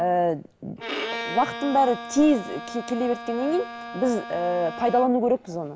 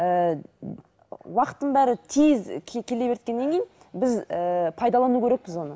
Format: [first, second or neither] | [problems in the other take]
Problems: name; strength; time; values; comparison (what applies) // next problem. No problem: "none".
second | background sound (Bowed string instrument); 11 dB below the speech